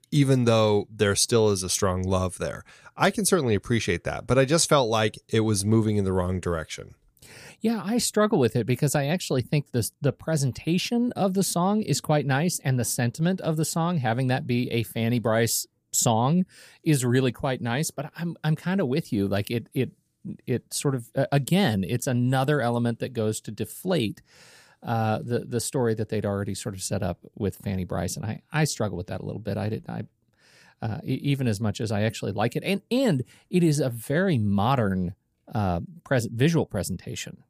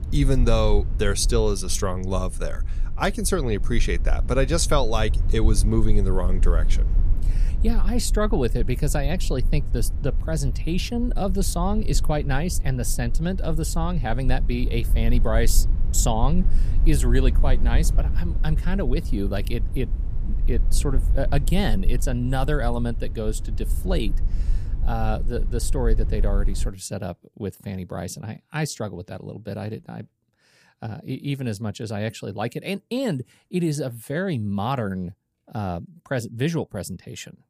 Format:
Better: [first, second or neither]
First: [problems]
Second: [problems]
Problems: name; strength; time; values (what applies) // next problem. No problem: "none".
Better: first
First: none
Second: low rumble; noticeable; until 27 s; 15 dB below the speech